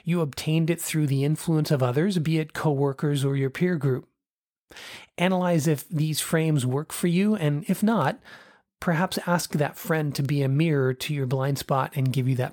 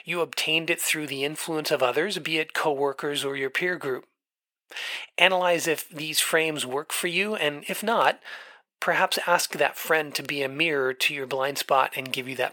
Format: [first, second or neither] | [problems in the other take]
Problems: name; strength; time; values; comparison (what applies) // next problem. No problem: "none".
first | thin; very; fading below 550 Hz